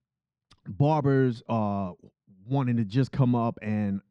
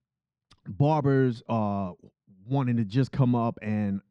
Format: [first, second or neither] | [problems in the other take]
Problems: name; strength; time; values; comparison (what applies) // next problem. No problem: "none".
neither | muffled; slightly; fading above 2.5 kHz; the same in both